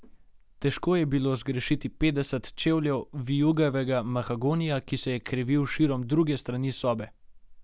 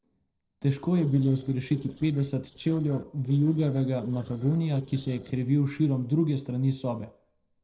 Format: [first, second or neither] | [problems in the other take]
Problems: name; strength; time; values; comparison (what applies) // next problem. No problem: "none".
first | noise reduction (neural separator model SepFormer DNS4)